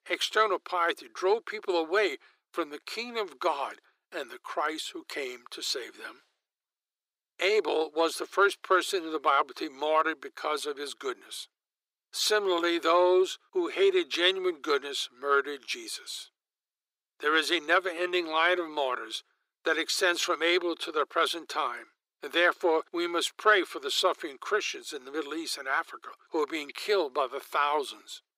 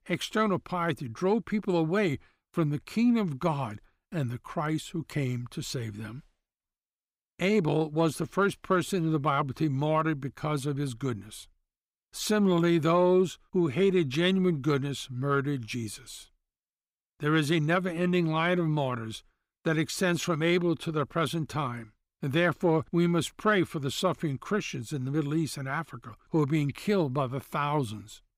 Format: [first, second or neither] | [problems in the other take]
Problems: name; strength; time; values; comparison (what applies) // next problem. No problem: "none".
second | thin; very; fading below 400 Hz